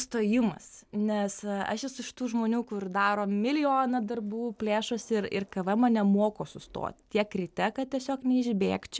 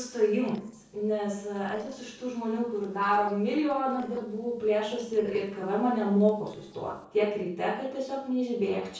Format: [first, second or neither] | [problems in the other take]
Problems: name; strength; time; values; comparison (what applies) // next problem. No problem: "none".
first | noise reduction (neural separator model SepFormer DNS4)